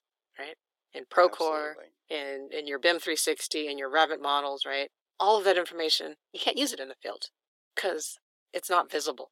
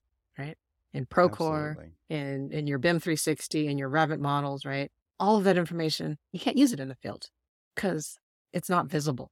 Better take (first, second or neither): second